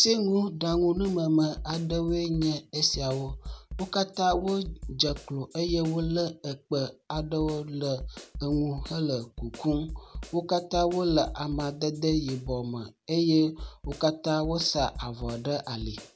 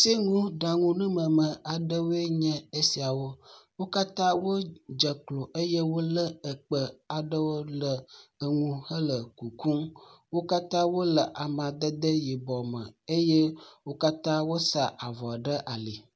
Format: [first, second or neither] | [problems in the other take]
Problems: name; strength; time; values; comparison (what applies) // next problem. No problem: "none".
second | background sound (Snare drum); 13 dB below the speech